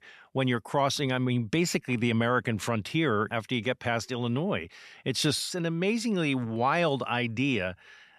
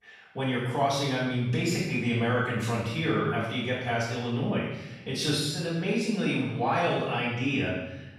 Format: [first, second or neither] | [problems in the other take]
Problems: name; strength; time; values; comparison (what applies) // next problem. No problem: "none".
first | off-mic speech; far // room echo; noticeable; dies away in 0.9 s